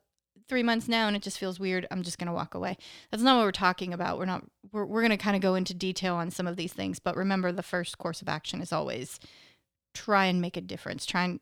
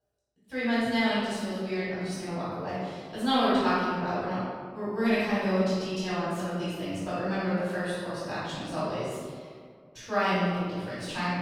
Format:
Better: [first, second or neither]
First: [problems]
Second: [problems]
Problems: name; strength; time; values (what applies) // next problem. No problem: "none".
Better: first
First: none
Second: off-mic speech; far // room echo; strong; dies away in 1.7 s